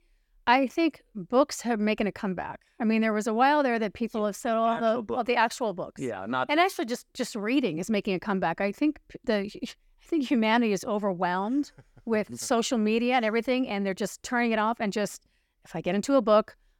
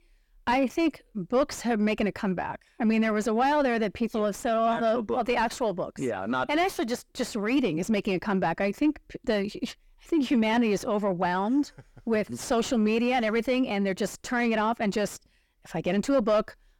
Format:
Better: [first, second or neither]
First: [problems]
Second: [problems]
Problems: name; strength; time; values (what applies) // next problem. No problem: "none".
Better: first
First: none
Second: distortion; slight; 10 dB below the speech